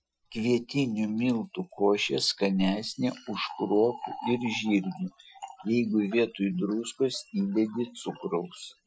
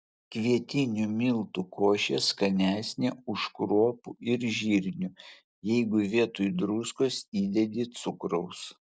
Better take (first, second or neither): second